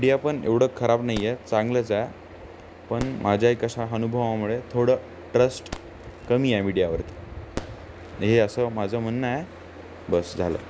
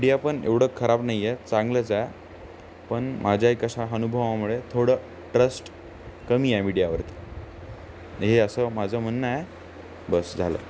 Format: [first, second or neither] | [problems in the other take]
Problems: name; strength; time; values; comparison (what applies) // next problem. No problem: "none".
second | background sound (Fireworks); 18 dB below the speech